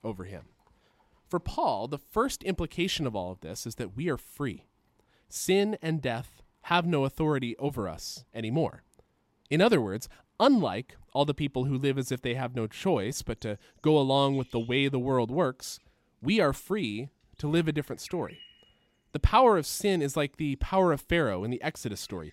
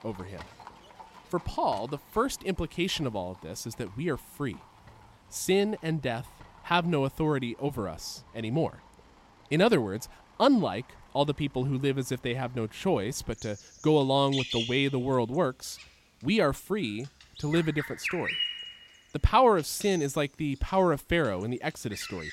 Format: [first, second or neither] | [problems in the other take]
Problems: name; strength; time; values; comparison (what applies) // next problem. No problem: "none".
first | animal sounds; loud; throughout; 9 dB below the speech; faint in the first